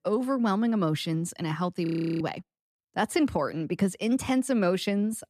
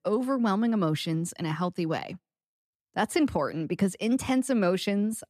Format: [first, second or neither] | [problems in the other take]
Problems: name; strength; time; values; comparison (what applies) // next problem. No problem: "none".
second | audio freezing; at 2 s